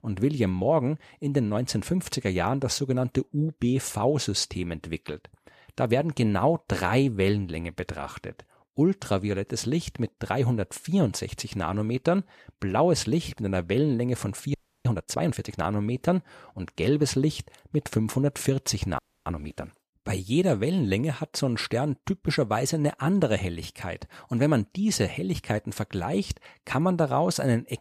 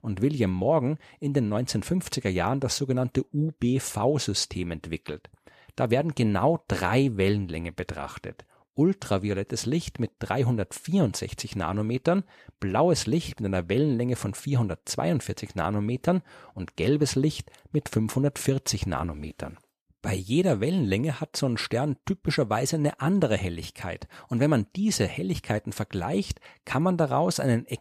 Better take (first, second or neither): second